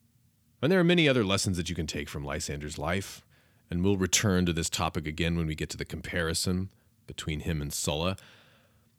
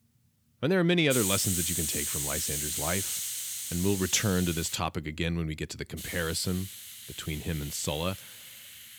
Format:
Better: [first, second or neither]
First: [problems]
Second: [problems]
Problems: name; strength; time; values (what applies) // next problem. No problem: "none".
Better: first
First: none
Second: hiss; loud; from 1 to 5 s and from 6 s on; 2 dB below the speech